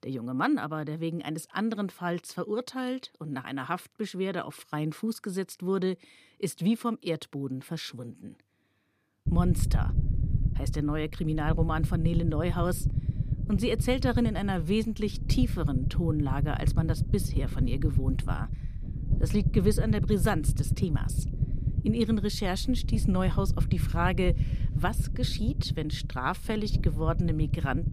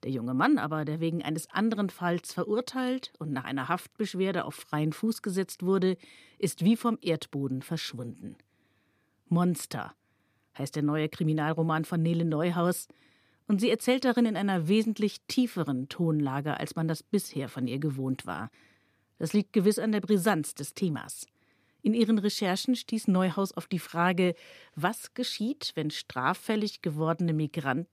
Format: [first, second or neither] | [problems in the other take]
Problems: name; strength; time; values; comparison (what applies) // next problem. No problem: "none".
second | low rumble; noticeable; from 9.5 s on; 10 dB below the speech